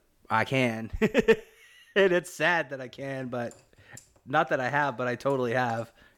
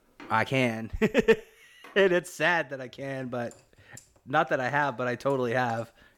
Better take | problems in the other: first | household noises; faint; until 2 s; 25 dB below the speech

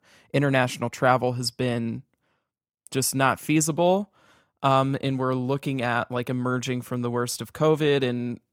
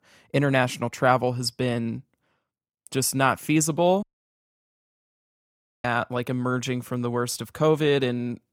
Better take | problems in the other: first | audio cutting out; at 4 s for 2 s

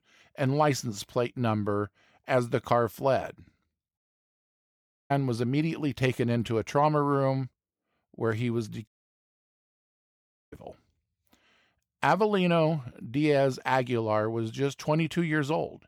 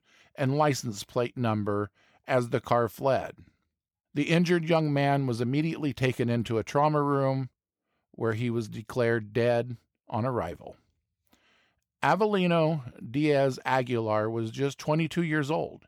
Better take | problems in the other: second | audio cutting out; at 4 s for 1 s and at 9 s for 1.5 s

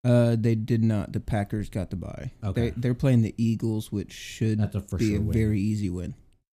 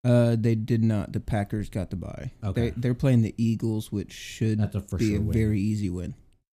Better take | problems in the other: neither | none

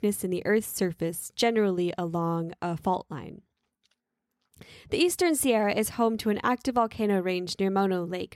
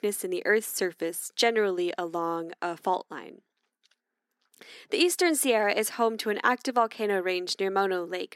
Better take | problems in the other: first | thin; somewhat; fading below 250 Hz

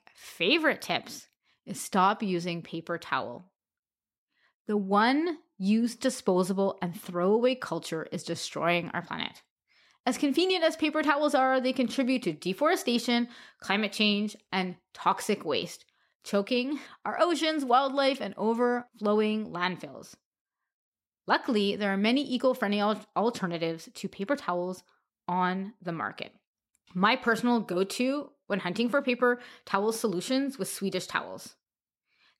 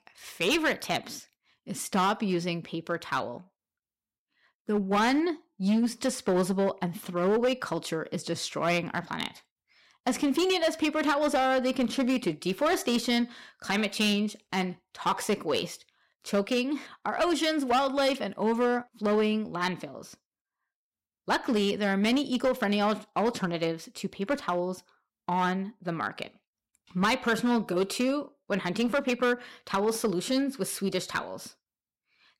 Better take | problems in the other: first | distortion; slight; 6% of the sound clipped

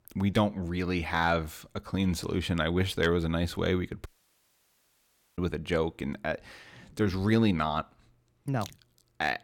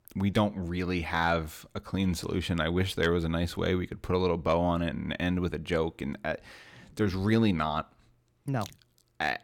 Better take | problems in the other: second | audio cutting out; at 4 s for 1.5 s

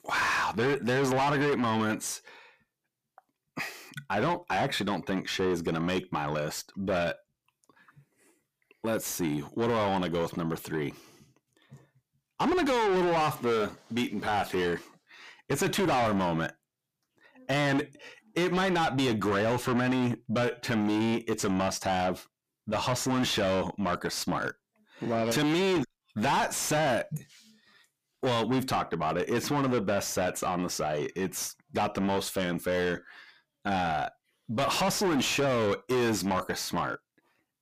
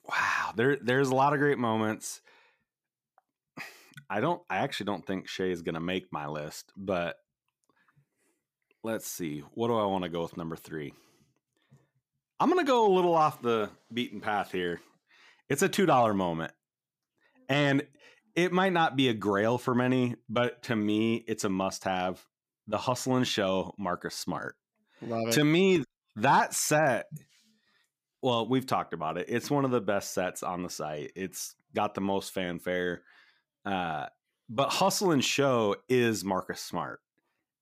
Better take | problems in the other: second | distortion; heavy; 6 dB below the speech

